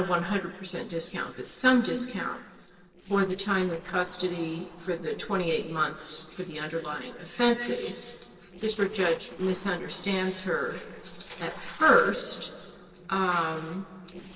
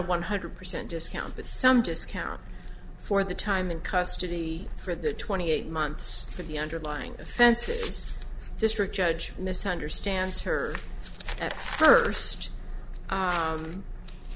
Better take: second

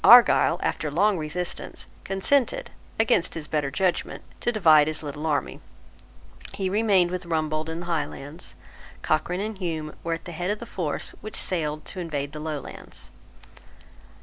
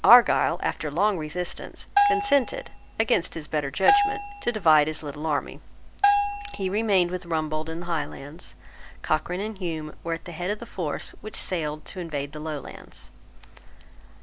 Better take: first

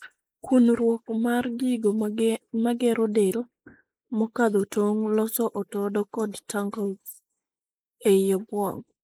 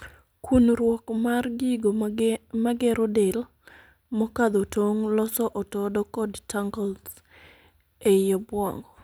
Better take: second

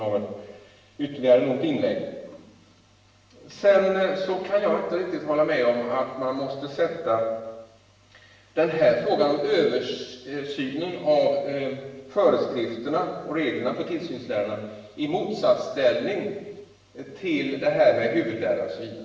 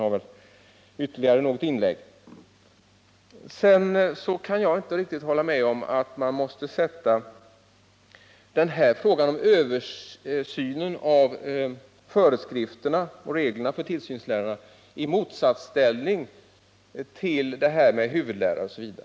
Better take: second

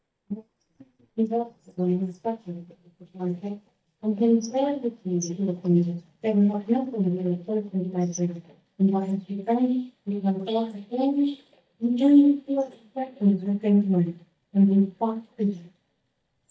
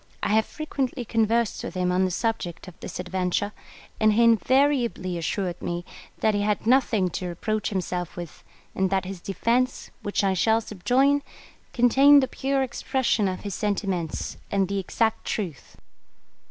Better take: second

